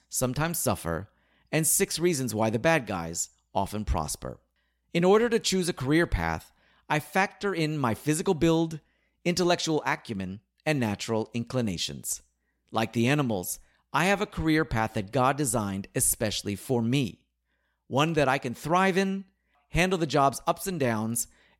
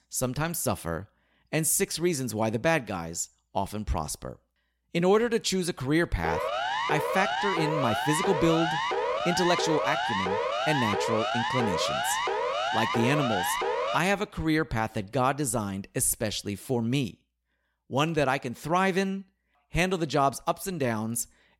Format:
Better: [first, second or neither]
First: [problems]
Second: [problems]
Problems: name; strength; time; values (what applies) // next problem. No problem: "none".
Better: first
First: none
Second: siren; loud; from 6 to 14 s; peak 1 dB above the speech